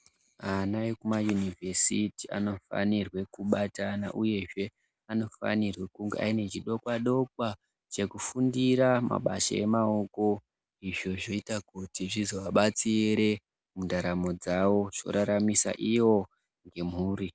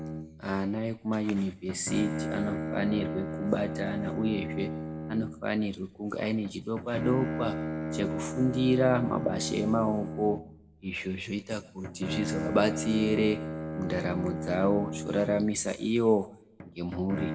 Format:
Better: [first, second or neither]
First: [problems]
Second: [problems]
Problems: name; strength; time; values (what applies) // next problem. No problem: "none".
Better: first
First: none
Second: background sound (Bowed string instrument); 6 dB below the speech // room echo; dies away in 0.6 s